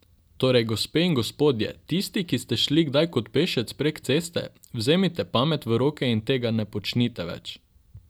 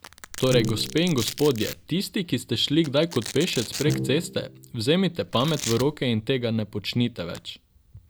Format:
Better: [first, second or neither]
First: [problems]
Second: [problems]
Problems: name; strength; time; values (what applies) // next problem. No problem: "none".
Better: first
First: none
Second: background sound (Bowed string instrument + Domestic sounds, home sounds); 10 dB below the speech